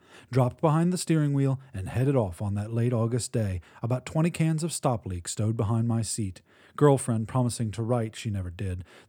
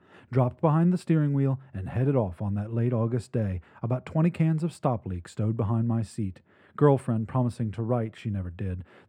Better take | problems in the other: first | muffled; slightly; fading above 3.5 kHz

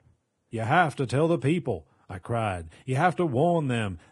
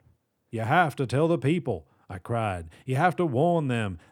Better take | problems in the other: second | garbled, watery; badly; nothing above 10.5 kHz

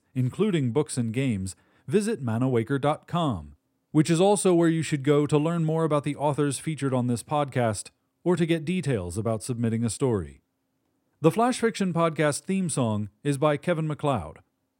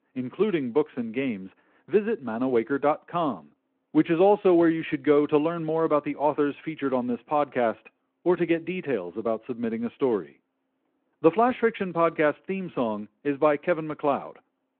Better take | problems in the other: first | phone-call audio

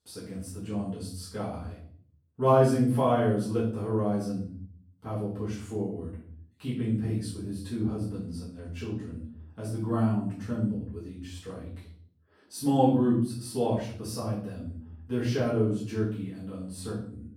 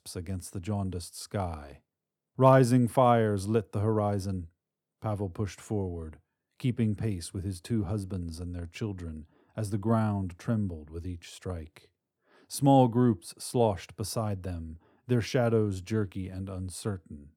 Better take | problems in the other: second | room echo; noticeable; dies away in 0.5 s // off-mic speech; far

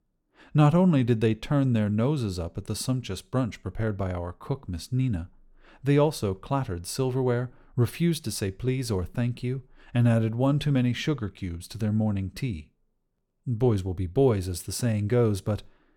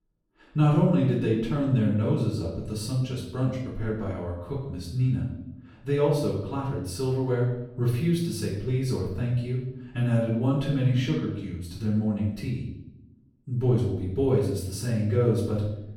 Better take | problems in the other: first | off-mic speech; far // room echo; noticeable; dies away in 0.8 s

